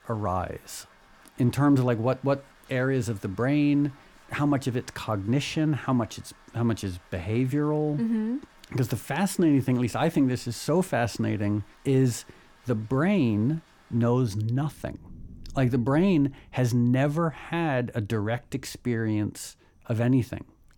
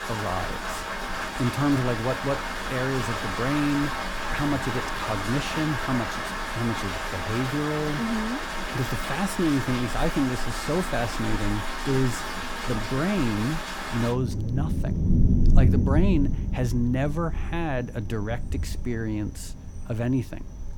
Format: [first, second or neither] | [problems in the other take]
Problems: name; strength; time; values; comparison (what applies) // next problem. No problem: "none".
first | rain or running water; loud; throughout; 1 dB below the speech; faint in the first